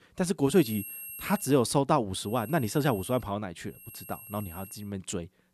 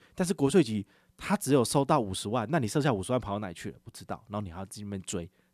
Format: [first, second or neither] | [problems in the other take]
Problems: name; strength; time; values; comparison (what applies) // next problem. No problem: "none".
second | high-pitched whine; noticeable; at 0.5 s, at 2.5 s and from 4 to 5 s; 11.5 kHz, 15 dB below the speech